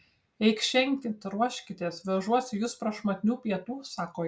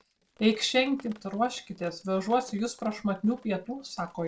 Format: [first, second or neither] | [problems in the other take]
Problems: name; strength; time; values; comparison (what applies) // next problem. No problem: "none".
first | noise reduction (neural separator model SepFormer DNS4)